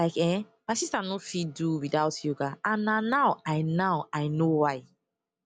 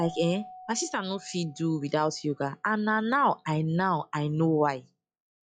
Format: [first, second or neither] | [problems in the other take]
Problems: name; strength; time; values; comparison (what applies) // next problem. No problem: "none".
first | noise reduction (classical method log-MMSE)